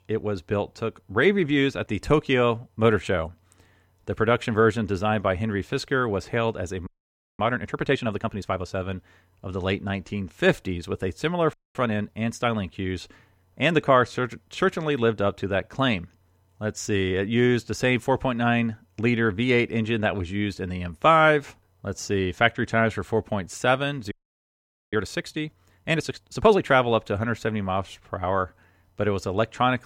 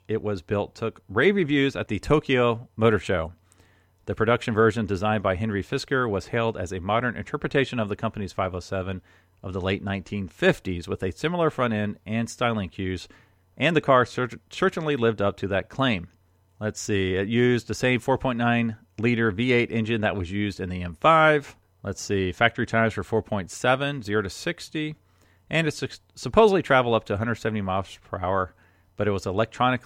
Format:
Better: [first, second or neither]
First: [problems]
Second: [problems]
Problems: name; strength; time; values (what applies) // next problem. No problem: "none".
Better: second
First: audio freezing; at 7 s for 0.5 s, at 12 s and at 24 s for 1 s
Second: none